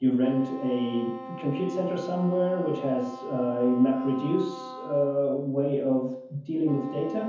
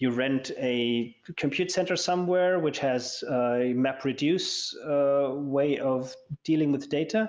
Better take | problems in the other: second | background sound (Wind instrument, woodwind instrument); 14 dB below the speech // room echo; dies away in 0.7 s

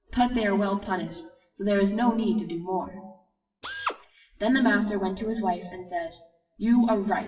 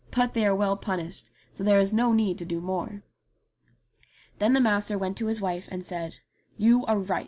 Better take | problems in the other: second | noise reduction (classical method WPE with log-MMSE)

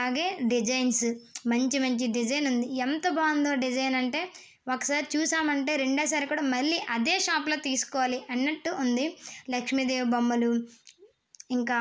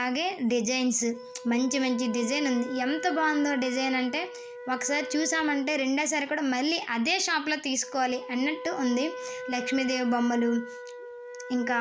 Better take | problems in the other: first | background sound (Wind instrument, woodwind instrument); 12 dB below the speech

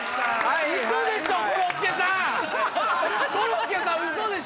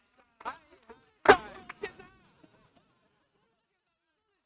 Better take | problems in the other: first | noise reduction (neural mask model RNNoise)

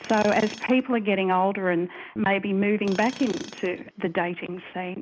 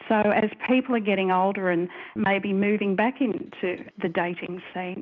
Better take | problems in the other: second | background sound (Tools); 20 dB below the speech

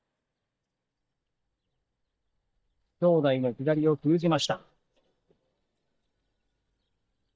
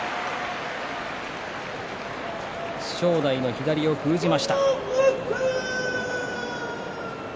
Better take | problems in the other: second | noise reduction (neural mask model DeepFilterNet 3)

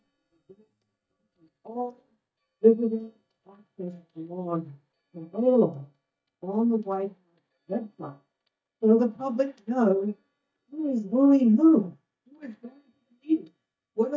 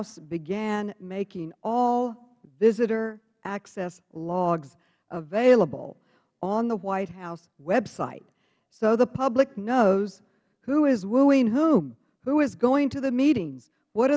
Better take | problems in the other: second | noise reduction (neural mask model DeepFilterNet 3)

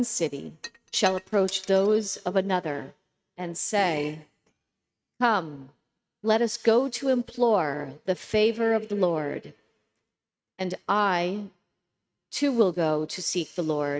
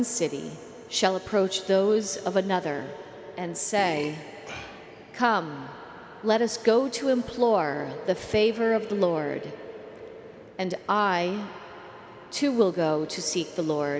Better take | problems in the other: second | noise reduction (neural mask model RNNoise)

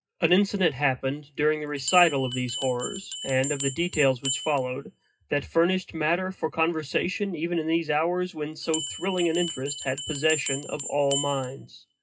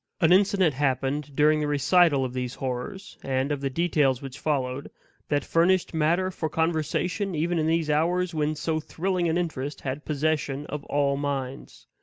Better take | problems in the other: second | noise reduction (classical method WPE with log-MMSE)

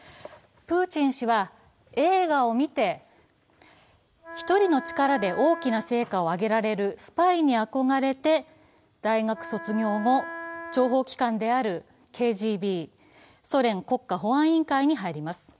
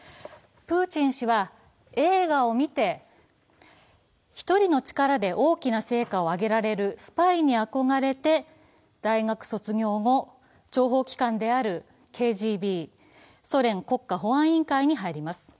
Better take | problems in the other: second | background sound (Wind instrument, woodwind instrument); 12 dB below the speech

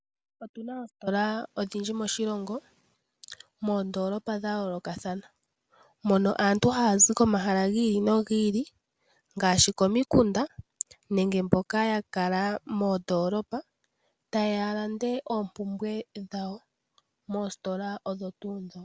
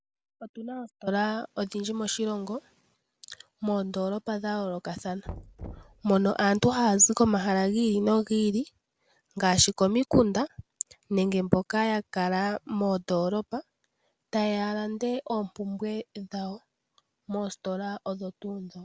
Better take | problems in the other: first | background sound (Knock); 18 dB below the speech

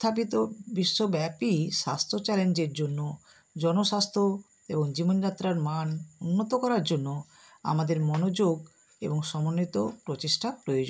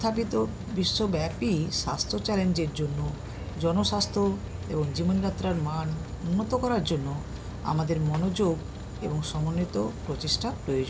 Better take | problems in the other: first | background sound (Rain); 8 dB below the speech

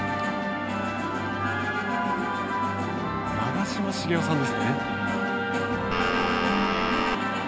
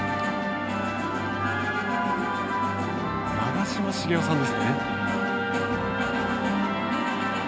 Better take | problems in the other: second | background sound (Telephone); 1 dB below the speech

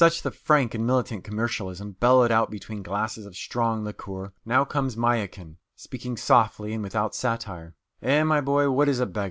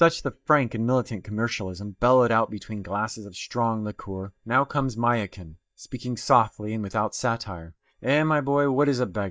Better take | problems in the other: first | noise reduction (neural mask model DeepFilterNet 3)

